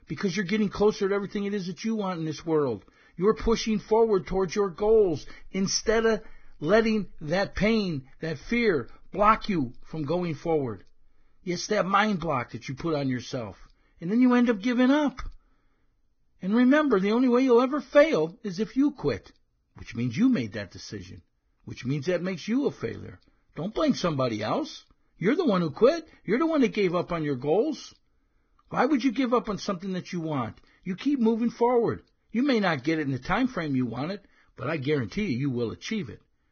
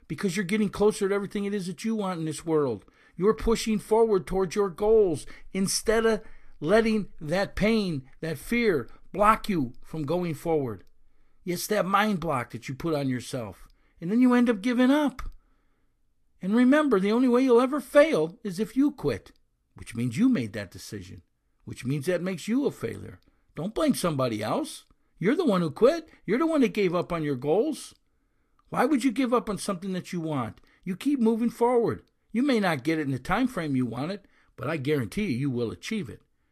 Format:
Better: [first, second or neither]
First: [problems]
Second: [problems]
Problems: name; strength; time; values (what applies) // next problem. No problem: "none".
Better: second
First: garbled, watery; badly; nothing above 6.5 kHz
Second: garbled, watery; slightly; nothing above 13 kHz